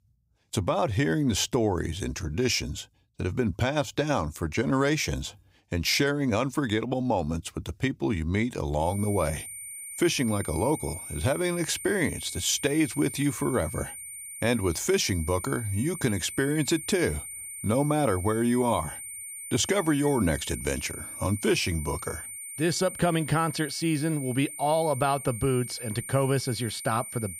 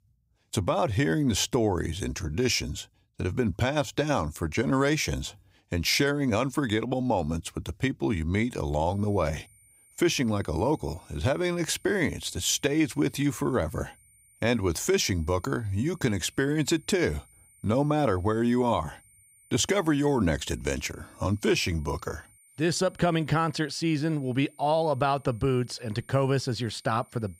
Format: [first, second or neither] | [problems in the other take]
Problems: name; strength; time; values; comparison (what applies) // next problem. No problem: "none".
second | high-pitched whine; loud; from 9 s on; 9 kHz, 9 dB below the speech; faint in the second